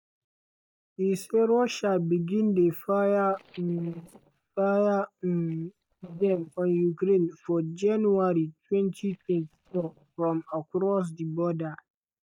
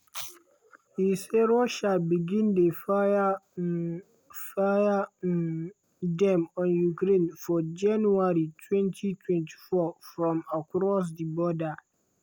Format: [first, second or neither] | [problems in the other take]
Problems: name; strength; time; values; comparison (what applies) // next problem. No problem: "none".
second | noise reduction (neural mask model DeepFilterNet 3)